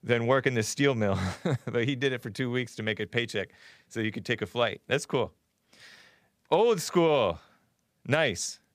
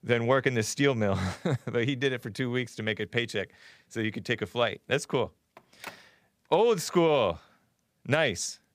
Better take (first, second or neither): first